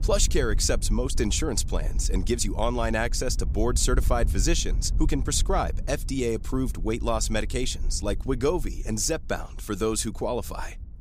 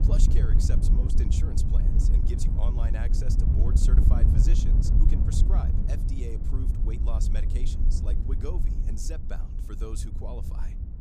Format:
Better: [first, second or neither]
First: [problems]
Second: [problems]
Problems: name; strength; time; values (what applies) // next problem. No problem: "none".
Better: first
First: wind noise on the microphone; occasional gusts; 20 dB below the speech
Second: wind noise on the microphone; heavy; as loud as the speech